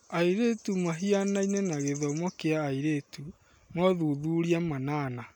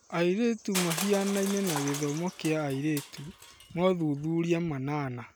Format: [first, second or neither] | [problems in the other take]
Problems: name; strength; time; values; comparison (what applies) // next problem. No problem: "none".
first | background sound (Crushing); 11 dB below the speech